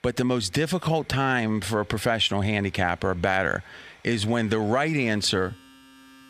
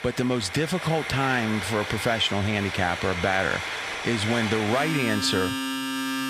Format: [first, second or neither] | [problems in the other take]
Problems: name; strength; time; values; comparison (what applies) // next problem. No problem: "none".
first | household noises; loud; throughout; 4 dB below the speech; faint in the first